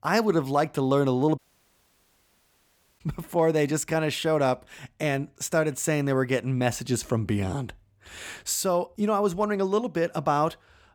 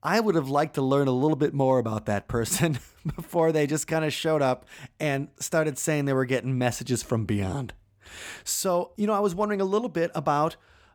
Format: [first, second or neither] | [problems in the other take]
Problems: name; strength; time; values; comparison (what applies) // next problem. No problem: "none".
second | audio cutting out; at 1.5 s for 1.5 s